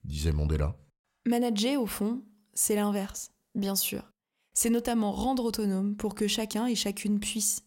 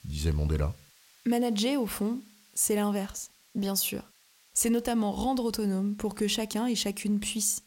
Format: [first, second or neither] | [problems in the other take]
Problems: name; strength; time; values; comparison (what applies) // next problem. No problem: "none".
first | hiss; faint; throughout; 30 dB below the speech